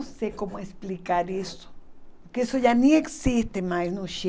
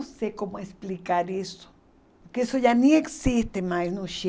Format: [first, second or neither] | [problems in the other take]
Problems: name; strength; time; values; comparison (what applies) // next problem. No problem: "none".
second | background sound (Writing); 17 dB below the speech